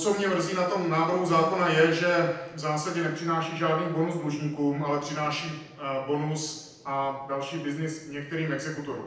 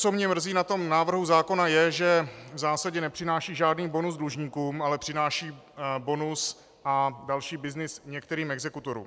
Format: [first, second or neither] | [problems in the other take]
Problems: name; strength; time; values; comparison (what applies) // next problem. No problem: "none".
second | noise reduction (neural separator model SepFormer DNS4)